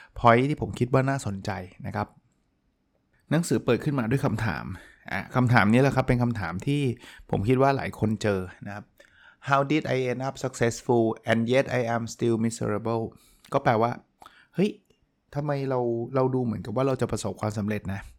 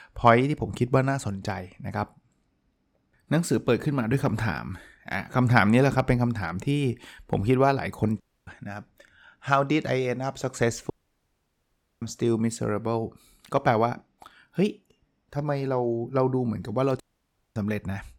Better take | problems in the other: first | audio cutting out; at 8 s, at 11 s for 1 s and at 17 s for 0.5 s

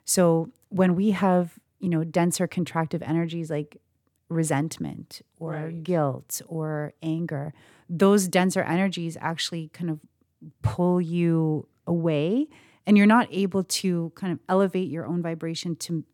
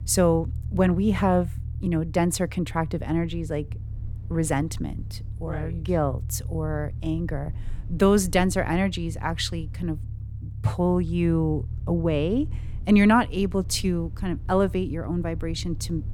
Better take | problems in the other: first | low rumble; faint; throughout; 20 dB below the speech

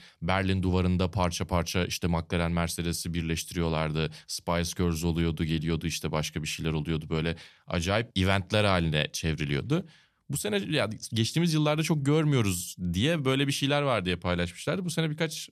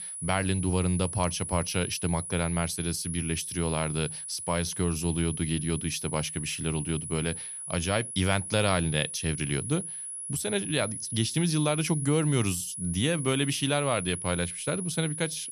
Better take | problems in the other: first | high-pitched whine; loud; throughout; 10.5 kHz, 6 dB below the speech

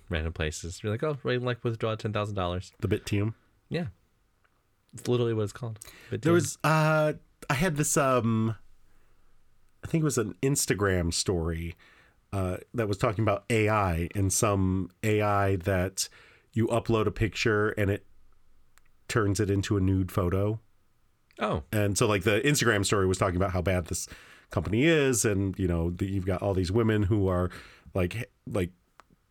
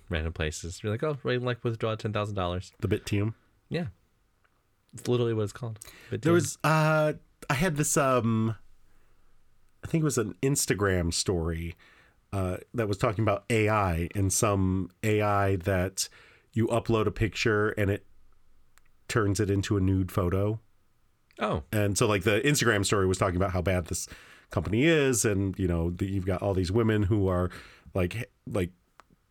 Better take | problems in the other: neither | none

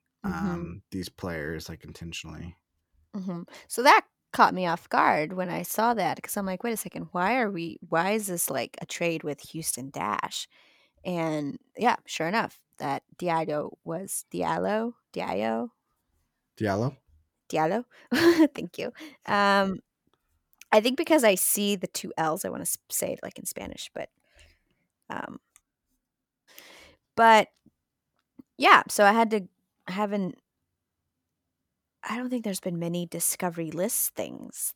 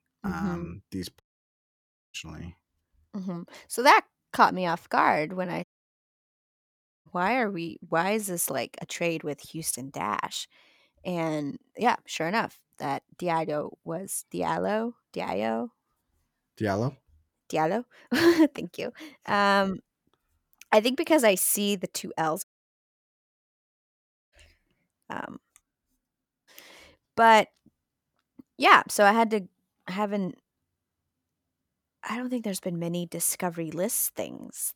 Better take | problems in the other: first | audio cutting out; at 1 s for 1 s, at 5.5 s for 1.5 s and at 22 s for 2 s

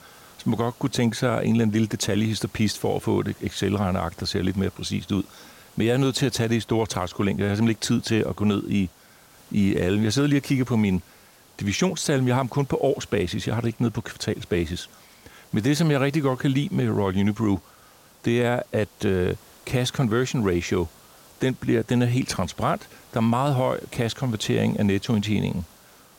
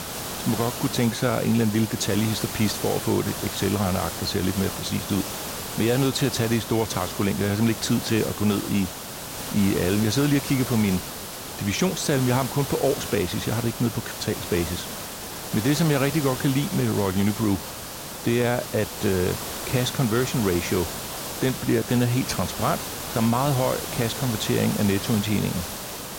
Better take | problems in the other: first | hiss; loud; throughout; 7 dB below the speech; faint in the first

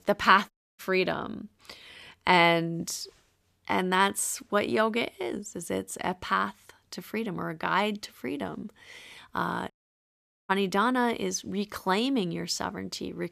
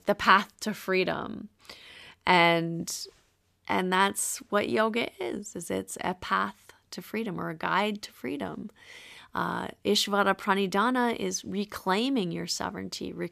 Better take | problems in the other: second | audio cutting out; at 0.5 s and at 9.5 s for 1 s

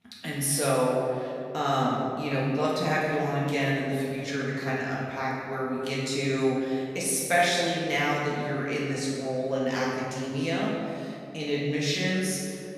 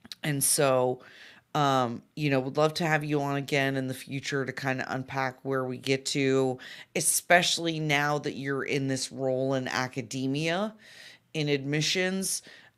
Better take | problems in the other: second | room echo; strong; dies away in 2.1 s // off-mic speech; far

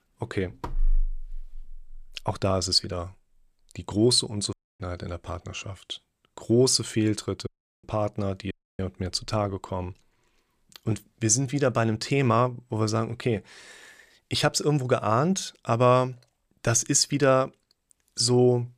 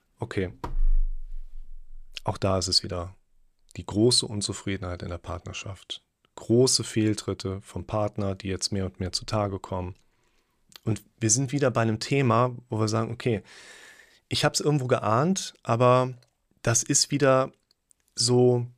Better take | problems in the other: second | audio cutting out; at 4.5 s, at 7.5 s and at 8.5 s

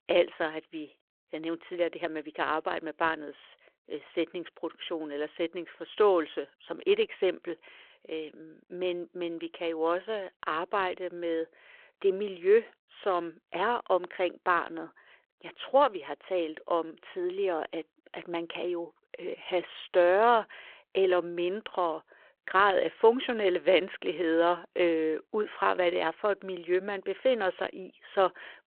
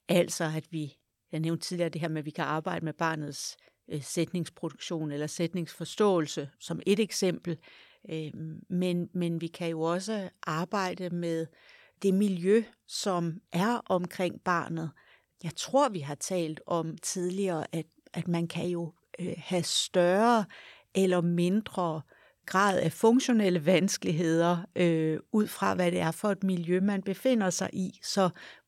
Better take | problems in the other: second | phone-call audio

